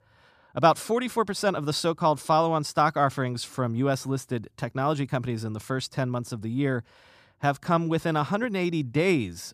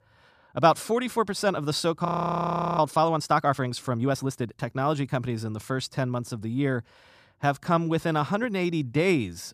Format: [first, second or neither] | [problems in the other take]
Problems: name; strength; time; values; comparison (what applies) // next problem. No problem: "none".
first | audio freezing; at 2 s for 0.5 s